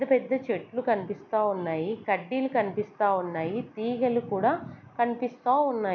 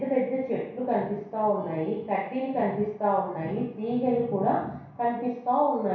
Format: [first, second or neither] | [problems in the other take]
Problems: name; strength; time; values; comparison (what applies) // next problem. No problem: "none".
first | room echo; dies away in 0.6 s